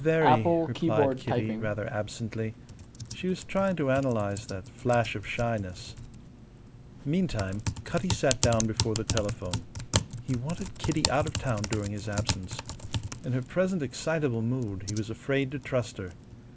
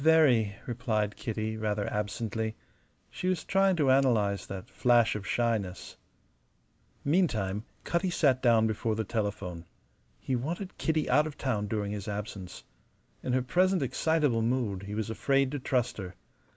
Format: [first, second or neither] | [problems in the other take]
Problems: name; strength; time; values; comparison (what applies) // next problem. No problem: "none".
second | background sound (Typing); 3 dB below the speech